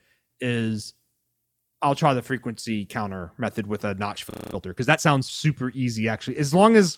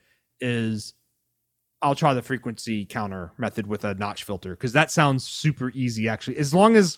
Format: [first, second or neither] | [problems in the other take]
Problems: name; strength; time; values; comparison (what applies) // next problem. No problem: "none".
second | audio freezing; at 4.5 s